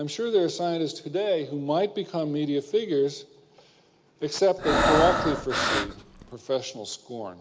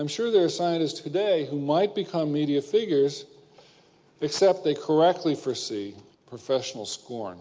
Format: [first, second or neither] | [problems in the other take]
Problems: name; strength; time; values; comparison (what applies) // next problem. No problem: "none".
second | background sound (Breathing); 2 dB above the speech